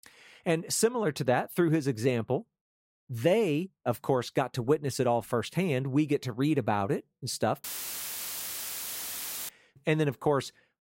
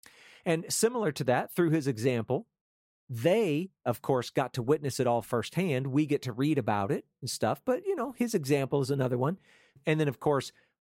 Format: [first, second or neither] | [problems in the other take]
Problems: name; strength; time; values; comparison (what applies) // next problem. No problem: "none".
second | audio cutting out; filled with static; at 7.5 s for 2 s